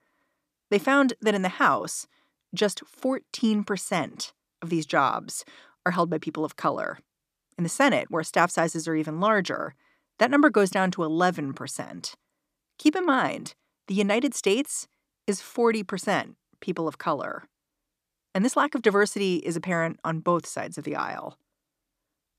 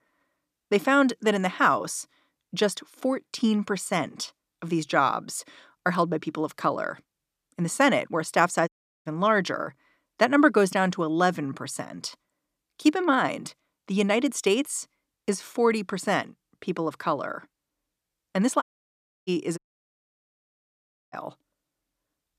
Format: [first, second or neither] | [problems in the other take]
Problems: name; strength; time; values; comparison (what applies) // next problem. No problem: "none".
first | audio cutting out; at 8.5 s, at 19 s for 0.5 s and at 20 s for 1.5 s